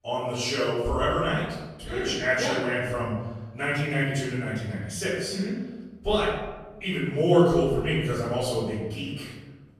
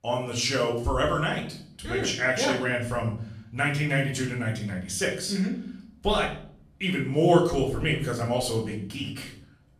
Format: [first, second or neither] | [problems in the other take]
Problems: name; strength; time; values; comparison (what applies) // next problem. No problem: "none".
second | room echo; strong; dies away in 1.1 s; slight in the second // off-mic speech; far; far in the second